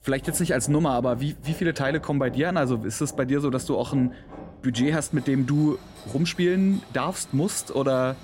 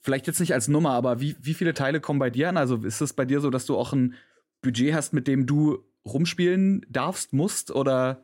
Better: second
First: machinery noise; noticeable; throughout; 20 dB below the speech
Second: none

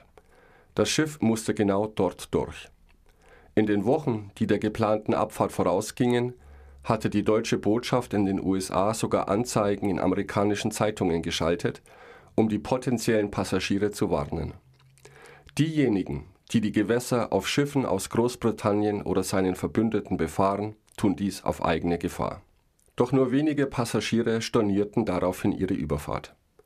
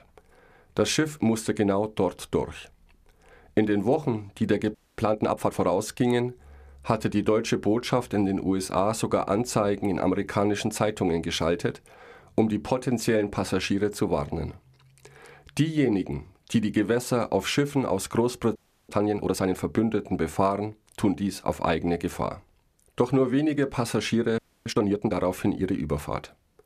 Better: first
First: none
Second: audio freezing; at 5 s, at 19 s and at 24 s

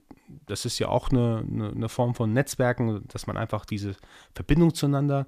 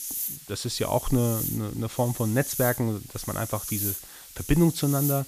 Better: first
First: none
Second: hiss; loud; throughout; 6 dB below the speech

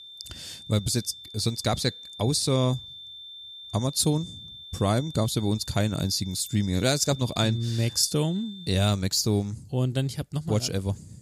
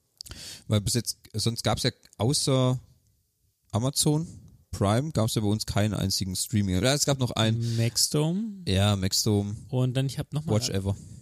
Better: second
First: high-pitched whine; noticeable; until 9 s; 3.5 kHz, 15 dB below the speech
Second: none

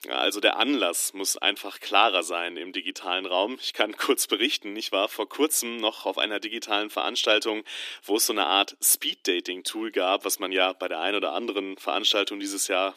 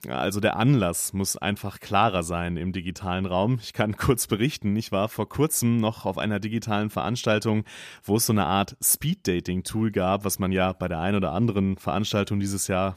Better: second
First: thin; somewhat; fading below 300 Hz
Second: none

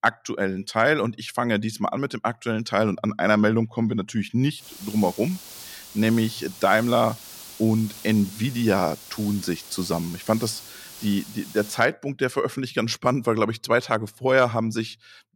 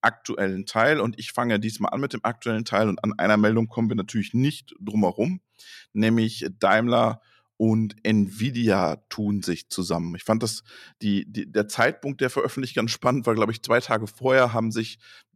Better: second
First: hiss; noticeable; from 4.5 to 12 s; 15 dB below the speech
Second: none

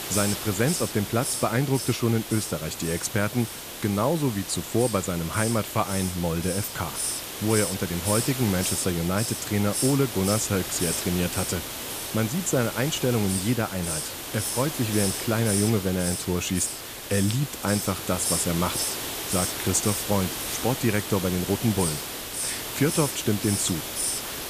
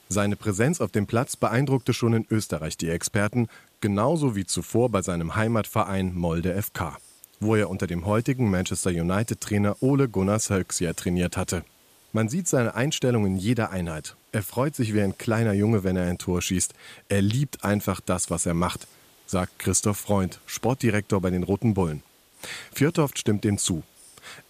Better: second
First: hiss; loud; throughout; 3 dB below the speech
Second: hiss; faint; throughout; 30 dB below the speech

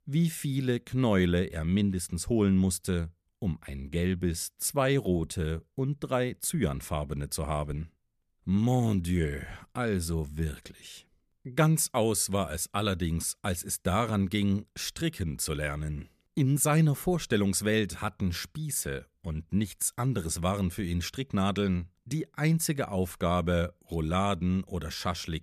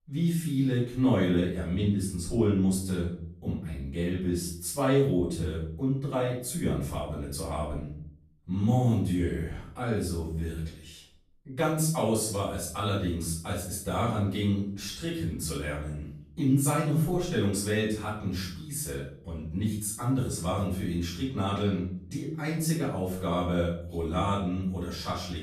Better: first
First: none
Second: off-mic speech; far // room echo; noticeable; dies away in 0.5 s

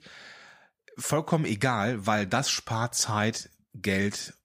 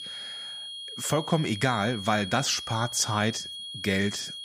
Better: first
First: none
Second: high-pitched whine; loud; throughout; 3.5 kHz, 9 dB below the speech

